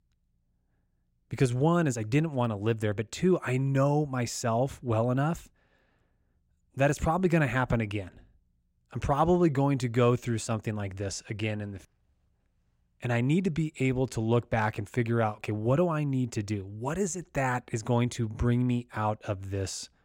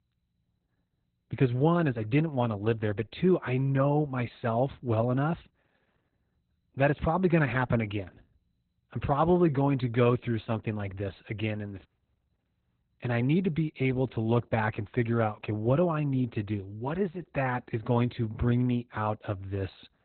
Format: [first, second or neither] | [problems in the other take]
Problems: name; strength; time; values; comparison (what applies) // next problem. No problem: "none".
first | garbled, watery; badly; nothing above 4 kHz